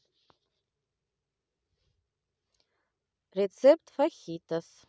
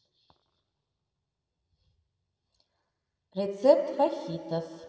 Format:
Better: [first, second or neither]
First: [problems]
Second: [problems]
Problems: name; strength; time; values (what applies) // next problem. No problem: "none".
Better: first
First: none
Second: room echo; dies away in 2.6 s